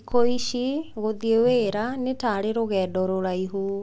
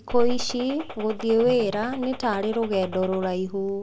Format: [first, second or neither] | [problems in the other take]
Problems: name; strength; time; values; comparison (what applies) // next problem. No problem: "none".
first | background sound (Gunshot, gunfire); 16 dB below the speech